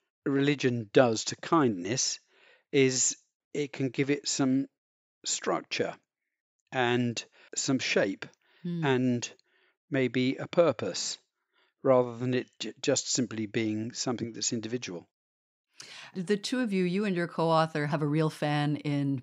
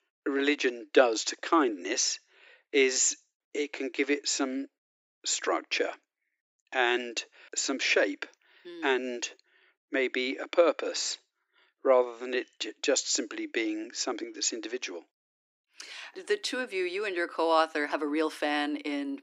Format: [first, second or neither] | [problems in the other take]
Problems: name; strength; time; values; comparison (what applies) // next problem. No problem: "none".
first | thin; somewhat; fading below 300 Hz